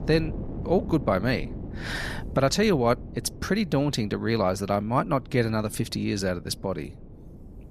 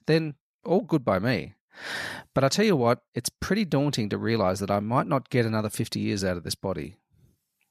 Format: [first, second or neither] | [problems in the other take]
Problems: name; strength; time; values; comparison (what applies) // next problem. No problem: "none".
second | wind noise on the microphone; occasional gusts; 20 dB below the speech